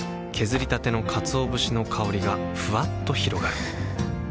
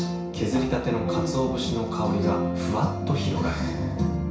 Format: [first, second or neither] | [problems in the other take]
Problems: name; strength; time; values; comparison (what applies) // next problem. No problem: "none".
first | room echo; dies away in 0.6 s